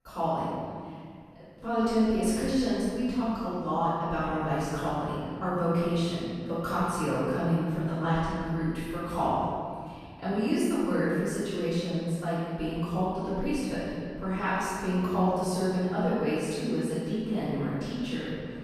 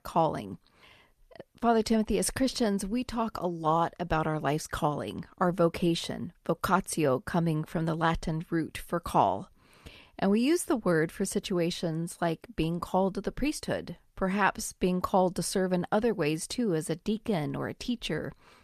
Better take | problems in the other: second | room echo; strong; dies away in 2.1 s // off-mic speech; far

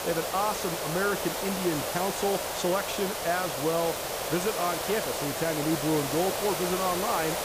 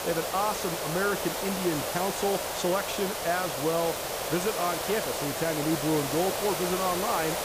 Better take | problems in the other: neither | hiss; loud; throughout; 1 dB below the speech; the same in both

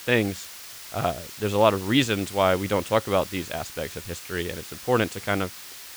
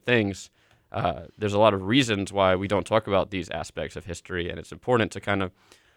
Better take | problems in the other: second | hiss; noticeable; throughout; 15 dB below the speech

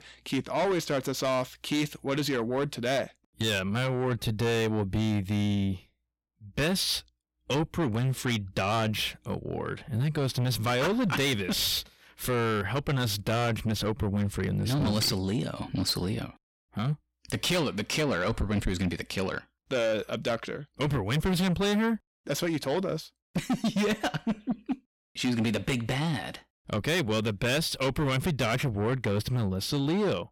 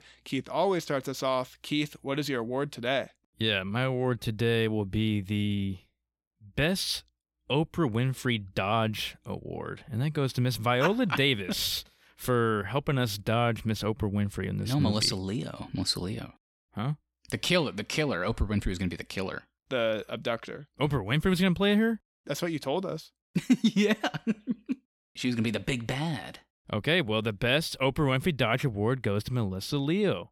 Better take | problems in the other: second | distortion; heavy; 7 dB below the speech

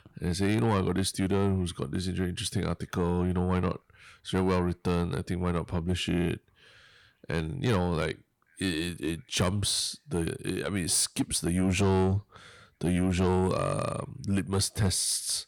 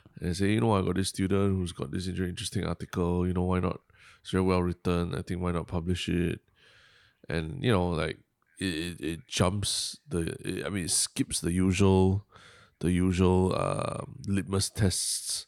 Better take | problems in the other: second | distortion; slight; 10 dB below the speech

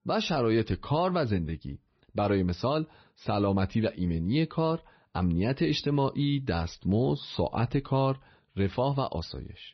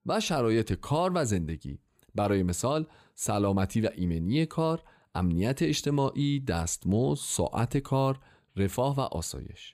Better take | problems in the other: second | garbled, watery; slightly; nothing above 6 kHz

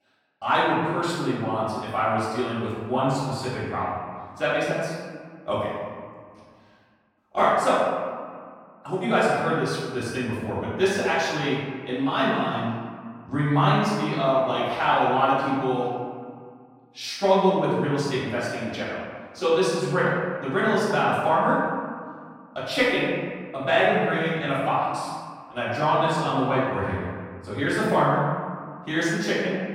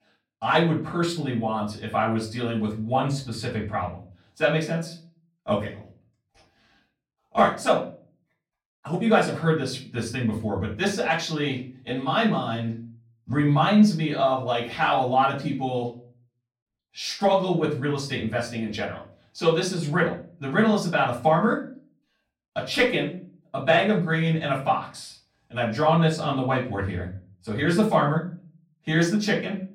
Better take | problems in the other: second | room echo; strong; dies away in 1.7 s; slight in the second // off-mic speech; far; far in the second

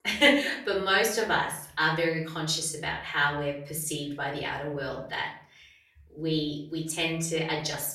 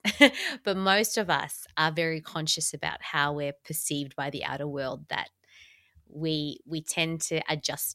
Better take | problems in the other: second | room echo; slight; dies away in 0.4 s // off-mic speech; far

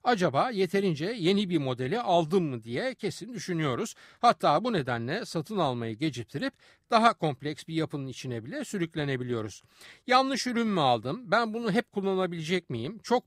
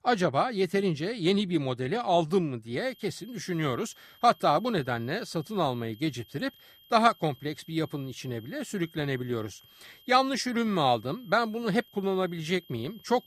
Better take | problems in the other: first | high-pitched whine; faint; from 3 s on; 3 kHz, 25 dB below the speech

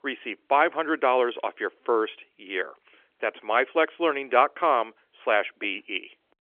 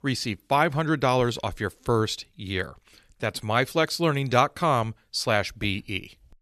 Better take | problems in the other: second | phone-call audio; nothing above 3.5 kHz

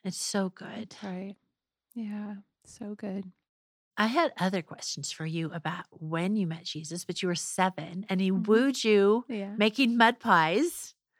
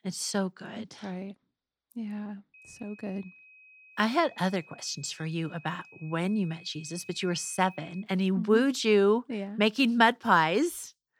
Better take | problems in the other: first | high-pitched whine; faint; from 2.5 to 8 s; 2.5 kHz, 25 dB below the speech

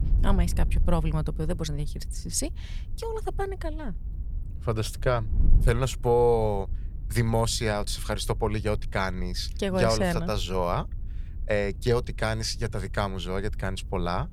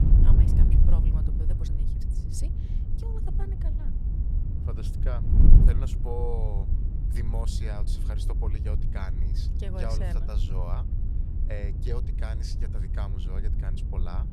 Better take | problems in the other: first | wind noise on the microphone; heavy; 1 dB below the speech; occasional gusts in the first

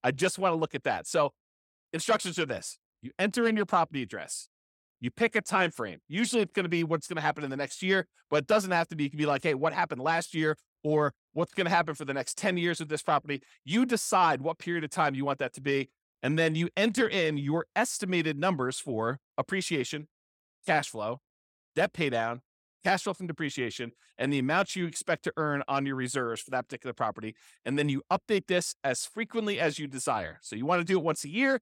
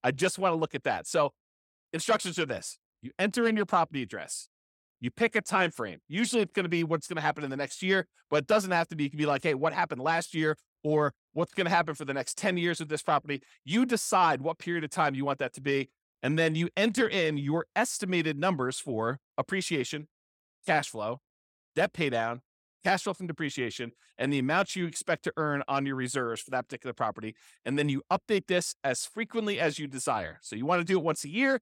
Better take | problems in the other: neither | none

